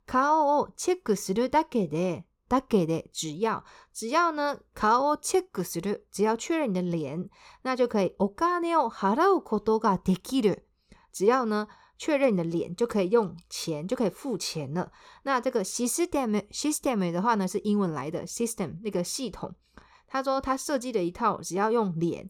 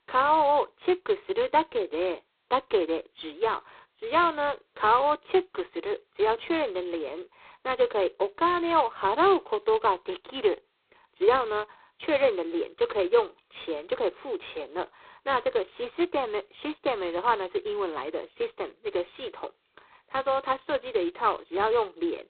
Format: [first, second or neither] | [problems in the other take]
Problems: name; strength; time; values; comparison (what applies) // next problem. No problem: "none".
first | phone-call audio; poor line; nothing above 4 kHz